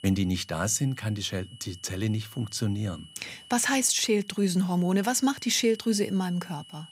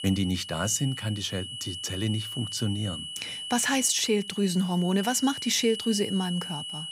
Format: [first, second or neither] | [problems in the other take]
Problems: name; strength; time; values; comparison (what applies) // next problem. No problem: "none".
first | high-pitched whine; loud; throughout; 3 kHz, 8 dB below the speech; faint in the first